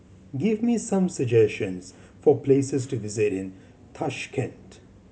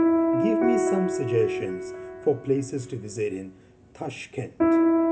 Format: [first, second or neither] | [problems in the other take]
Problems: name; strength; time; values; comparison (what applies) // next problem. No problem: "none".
first | background sound (Piano); 4 dB above the speech